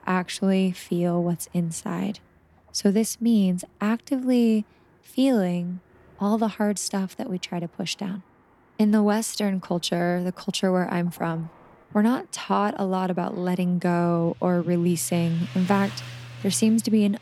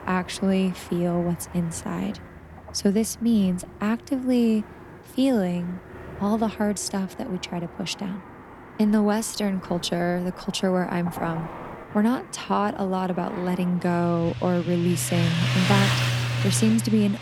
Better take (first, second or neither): first